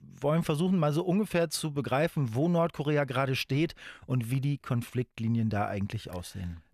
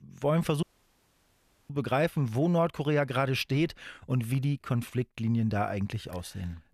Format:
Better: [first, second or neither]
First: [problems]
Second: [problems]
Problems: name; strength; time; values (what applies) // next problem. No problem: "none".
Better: first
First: none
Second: audio cutting out; at 0.5 s for 1 s